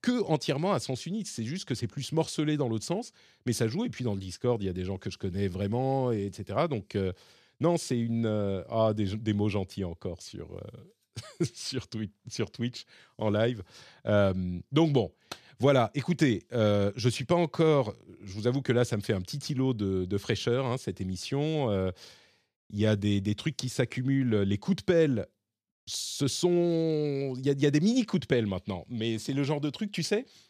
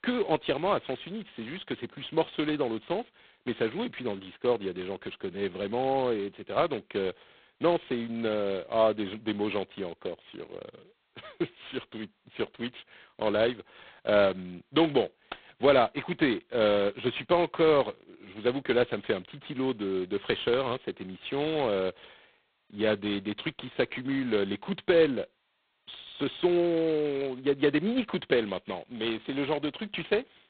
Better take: first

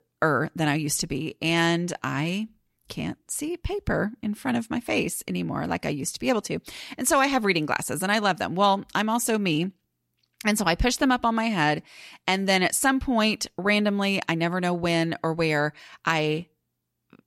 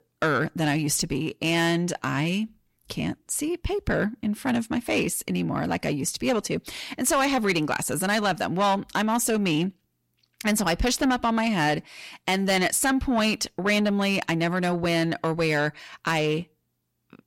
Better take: first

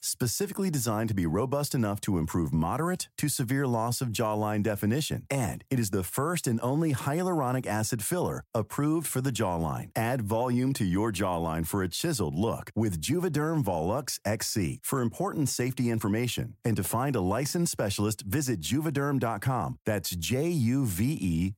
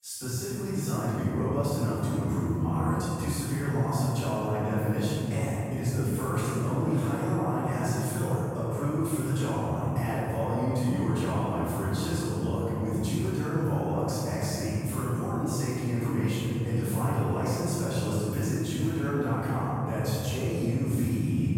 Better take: first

